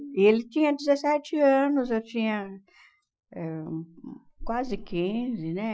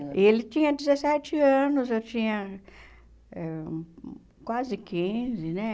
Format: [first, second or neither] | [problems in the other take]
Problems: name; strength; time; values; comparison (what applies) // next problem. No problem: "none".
second | noise reduction (classical method Wiener filter)